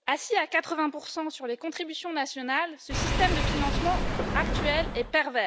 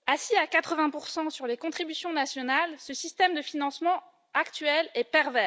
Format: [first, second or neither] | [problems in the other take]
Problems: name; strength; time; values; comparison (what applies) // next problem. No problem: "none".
second | background sound (Engine / Car); 2 dB above the speech